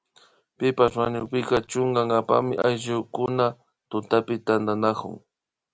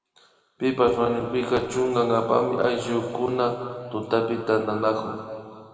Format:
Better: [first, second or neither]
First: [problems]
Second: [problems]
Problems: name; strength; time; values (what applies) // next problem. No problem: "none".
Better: first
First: none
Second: room echo; dies away in 2.4 s